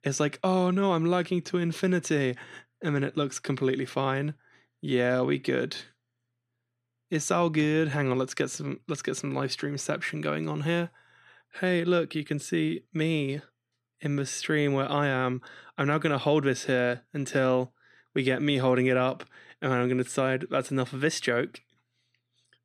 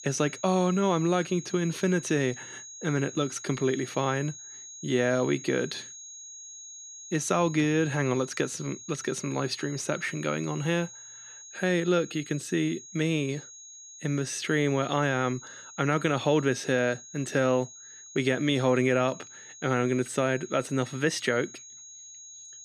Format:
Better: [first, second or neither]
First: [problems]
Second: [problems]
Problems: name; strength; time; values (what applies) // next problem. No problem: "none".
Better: first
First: none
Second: high-pitched whine; noticeable; throughout; 6.5 kHz, 15 dB below the speech